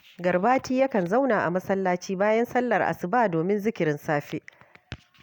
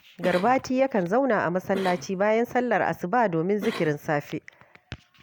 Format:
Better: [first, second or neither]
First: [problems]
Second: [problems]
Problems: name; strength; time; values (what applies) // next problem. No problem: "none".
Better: first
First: none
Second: background sound (Cough); 16 dB below the speech